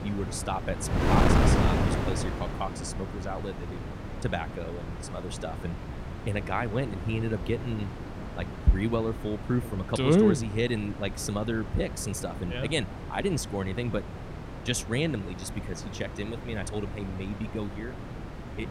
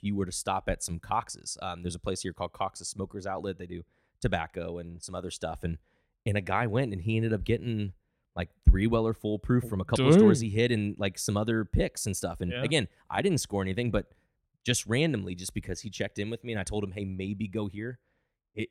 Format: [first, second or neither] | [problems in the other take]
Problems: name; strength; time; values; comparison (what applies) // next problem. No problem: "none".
second | wind noise on the microphone; heavy; 4 dB below the speech